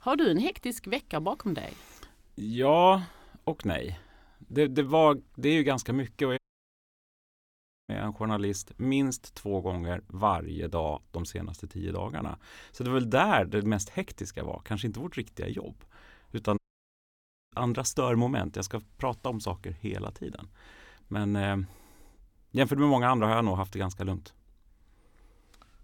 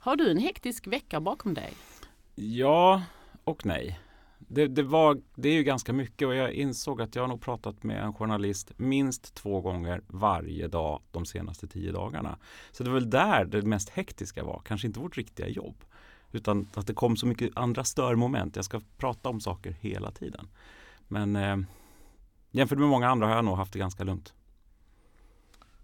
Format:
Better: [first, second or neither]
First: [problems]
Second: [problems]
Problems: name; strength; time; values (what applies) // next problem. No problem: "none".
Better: second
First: audio cutting out; at 6.5 s for 1.5 s and at 17 s for 1 s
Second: none